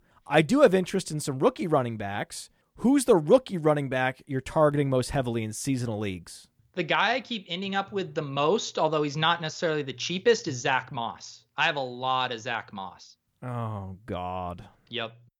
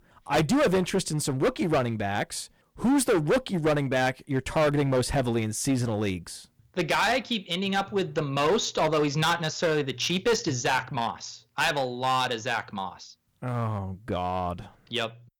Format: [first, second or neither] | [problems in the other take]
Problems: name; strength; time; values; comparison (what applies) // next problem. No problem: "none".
first | distortion; heavy; 10% of the sound clipped